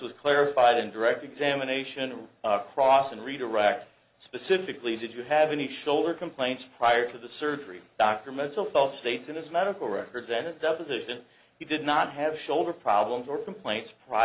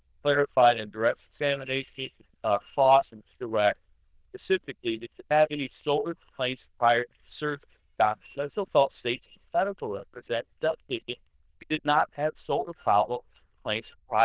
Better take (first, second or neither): first